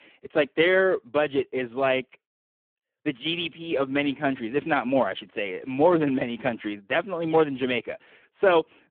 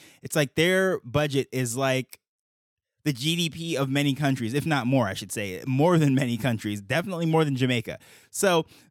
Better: second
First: phone-call audio; poor line; nothing above 3.5 kHz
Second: none

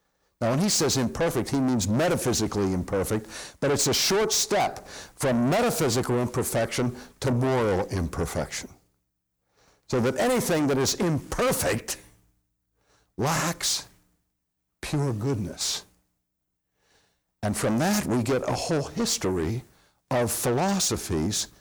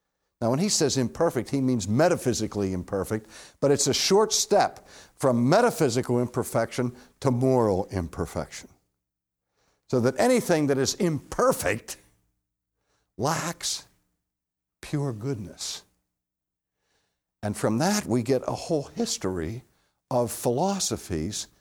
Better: second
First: distortion; heavy; 6 dB below the speech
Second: none

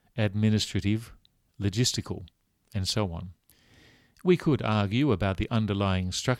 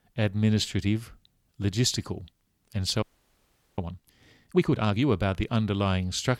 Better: first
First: none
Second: audio freezing; at 3 s for 1 s

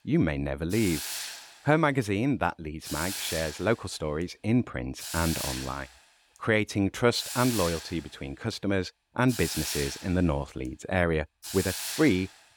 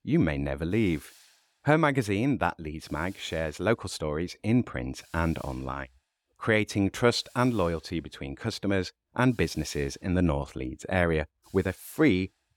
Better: second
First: hiss; loud; throughout; 6 dB below the speech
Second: hiss; faint; throughout; 25 dB below the speech

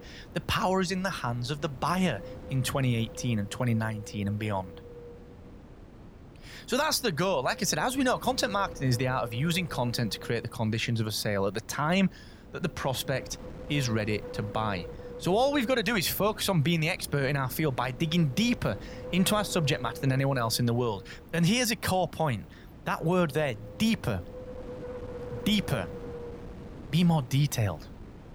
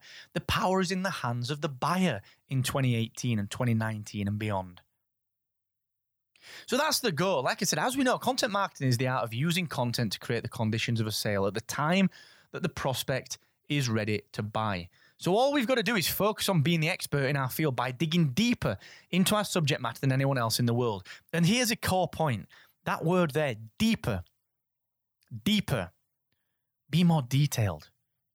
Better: second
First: wind noise on the microphone; occasional gusts; 15 dB below the speech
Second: none

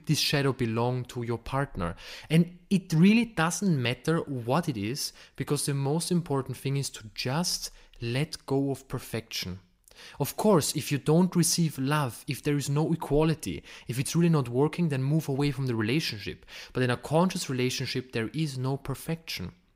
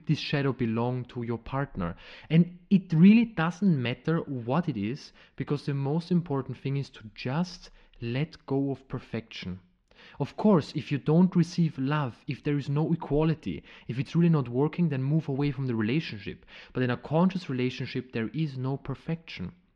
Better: first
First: none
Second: muffled; slightly; fading above 3.5 kHz

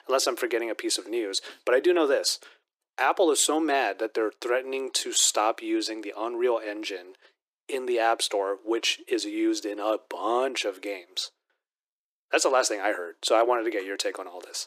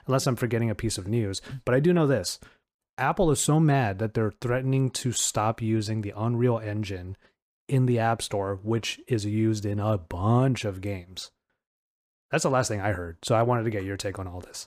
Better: second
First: thin; very; fading below 300 Hz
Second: none

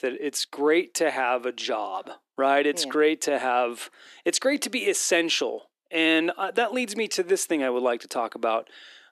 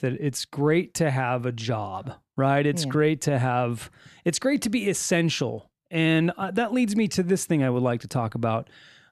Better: second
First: thin; somewhat; fading below 300 Hz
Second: none

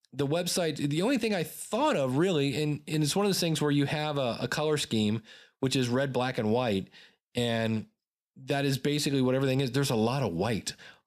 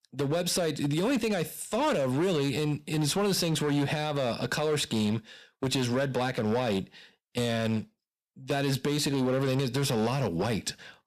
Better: first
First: none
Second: distortion; slight; 11% of the sound clipped

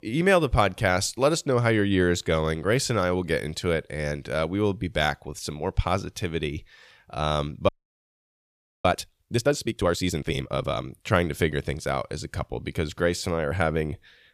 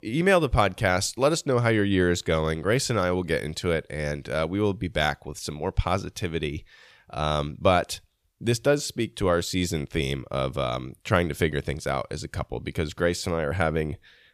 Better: second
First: audio freezing; at 7.5 s for 1 s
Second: none

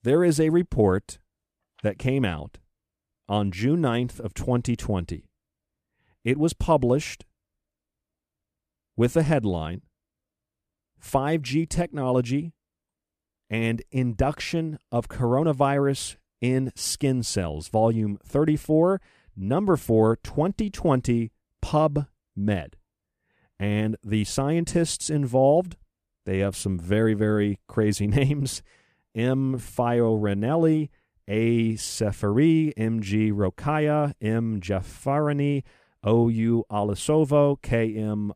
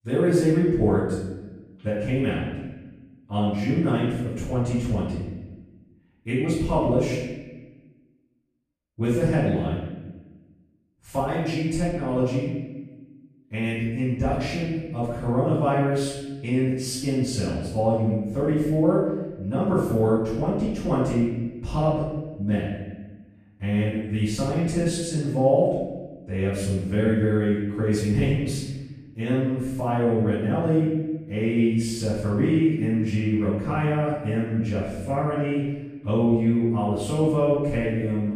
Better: first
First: none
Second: off-mic speech; far // room echo; strong; dies away in 1.1 s

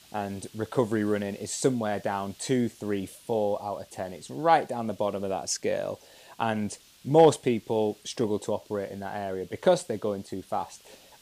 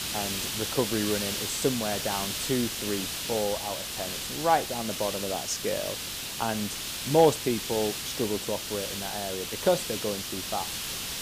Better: first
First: hiss; faint; throughout; 25 dB below the speech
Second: hiss; loud; throughout; 2 dB below the speech

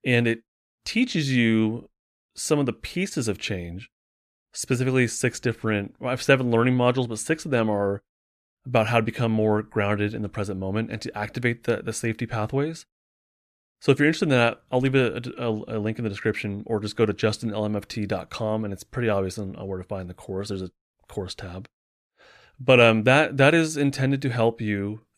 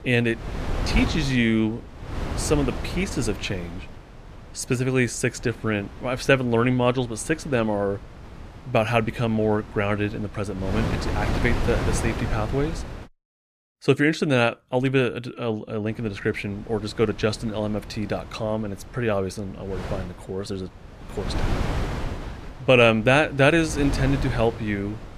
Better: first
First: none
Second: wind noise on the microphone; occasional gusts; until 13 s and from 16 s on; 10 dB below the speech

